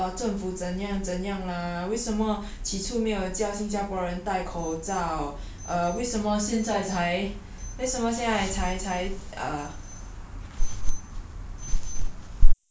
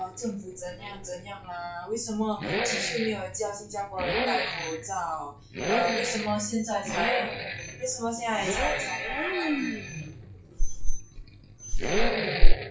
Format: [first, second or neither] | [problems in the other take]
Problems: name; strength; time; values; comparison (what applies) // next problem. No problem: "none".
first | noise reduction (classical method log-MMSE)